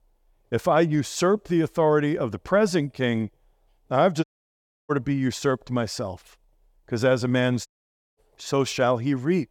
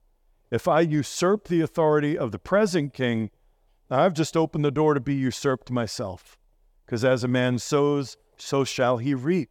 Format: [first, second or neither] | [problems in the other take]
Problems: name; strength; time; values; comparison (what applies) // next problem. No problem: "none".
second | audio cutting out; at 4 s for 0.5 s and at 7.5 s for 0.5 s